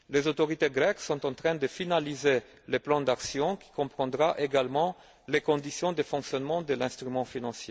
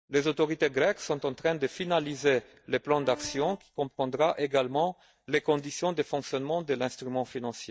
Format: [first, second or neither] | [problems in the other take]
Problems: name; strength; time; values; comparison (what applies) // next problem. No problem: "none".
first | noise reduction (neural mask model DeepFilterNet 3)